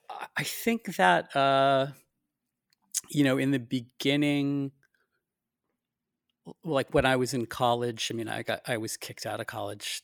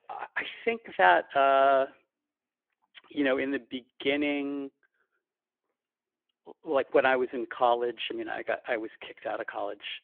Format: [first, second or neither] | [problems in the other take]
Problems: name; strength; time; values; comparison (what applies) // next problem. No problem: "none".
first | phone-call audio